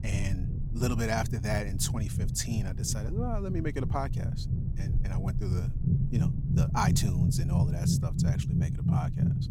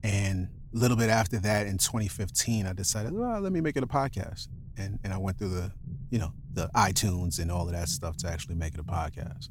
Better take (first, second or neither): second